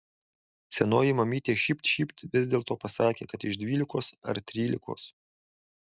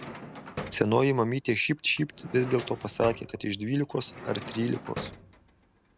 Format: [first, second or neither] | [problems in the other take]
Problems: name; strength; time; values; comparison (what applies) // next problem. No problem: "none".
first | background sound (Drawer open or close); 13 dB below the speech